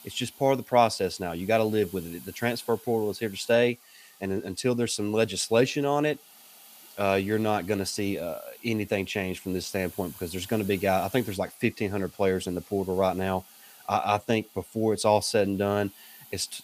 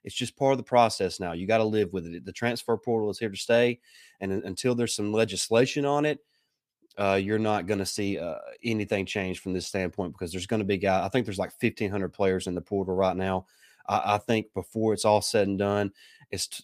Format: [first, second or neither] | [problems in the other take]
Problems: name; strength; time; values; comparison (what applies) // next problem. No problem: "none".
second | hiss; faint; throughout; 20 dB below the speech